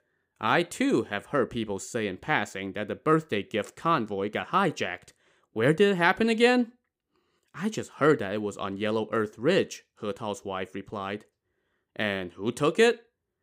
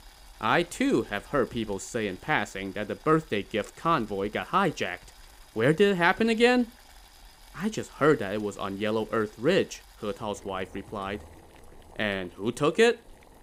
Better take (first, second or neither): first